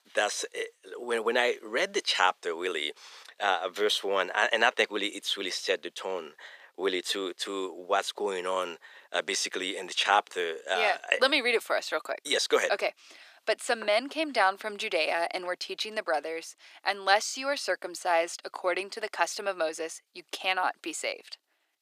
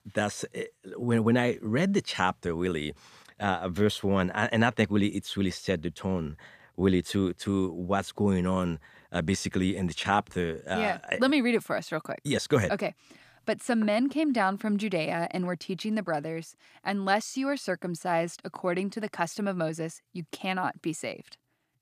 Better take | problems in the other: second | thin; very; fading below 400 Hz

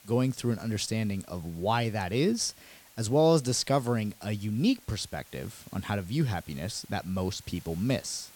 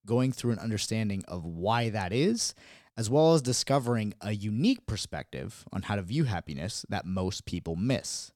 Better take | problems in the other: second | hiss; faint; throughout; 25 dB below the speech

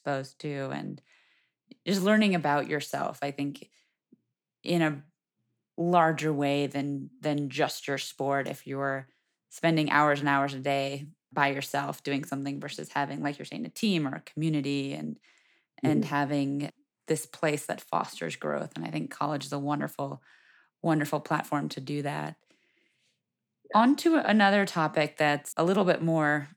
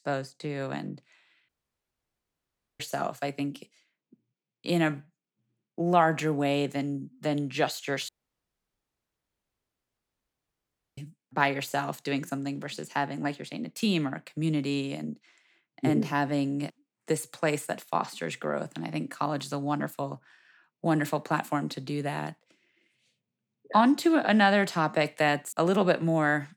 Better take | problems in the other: first | audio cutting out; at 1.5 s for 1.5 s and at 8 s for 3 s

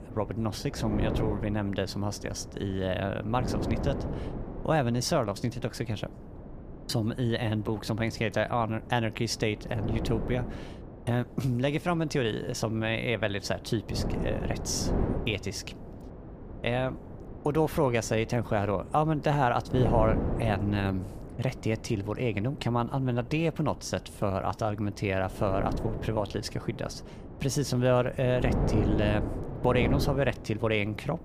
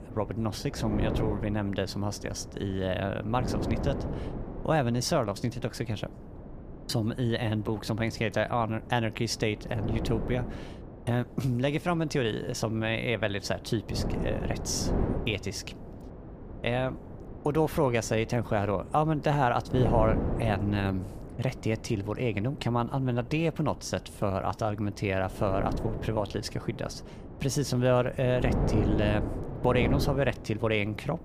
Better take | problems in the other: neither | wind noise on the microphone; occasional gusts; 10 dB below the speech; the same in both

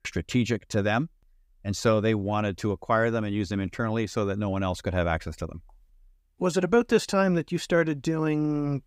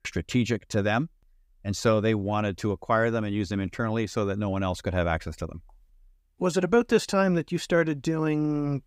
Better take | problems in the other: neither | none

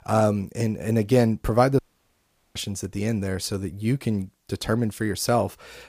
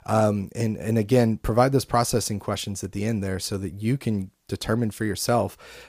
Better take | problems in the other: second | audio cutting out; at 2 s for 1 s

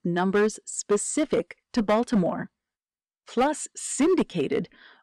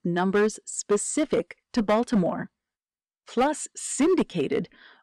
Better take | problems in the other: neither | distortion; slight; 5% of the sound clipped; the same in both

